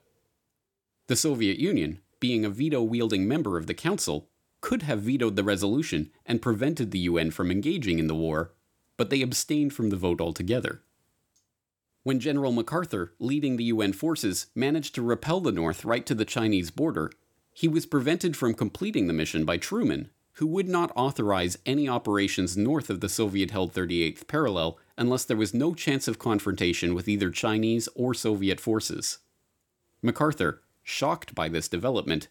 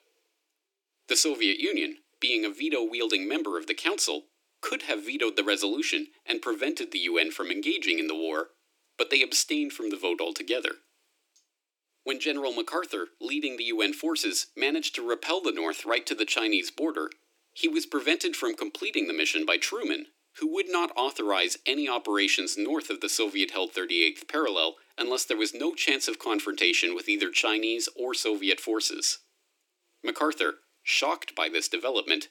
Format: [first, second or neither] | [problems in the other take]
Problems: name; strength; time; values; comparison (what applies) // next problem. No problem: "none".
first | thin; somewhat; fading below 300 Hz